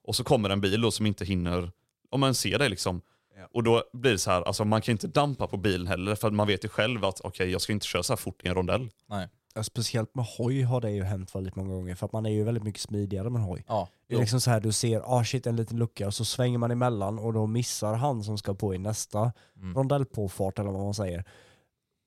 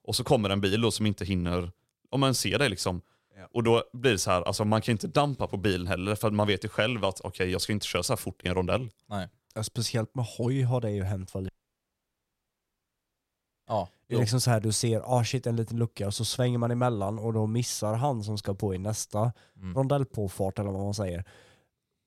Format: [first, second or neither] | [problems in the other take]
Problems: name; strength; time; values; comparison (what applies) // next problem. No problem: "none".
first | audio cutting out; at 11 s for 2 s